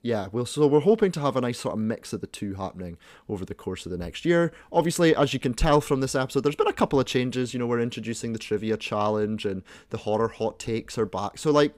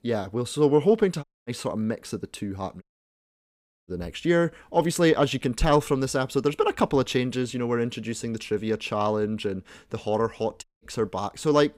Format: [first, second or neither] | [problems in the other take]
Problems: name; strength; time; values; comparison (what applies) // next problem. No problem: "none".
first | audio cutting out; at 1 s, at 3 s for 1 s and at 11 s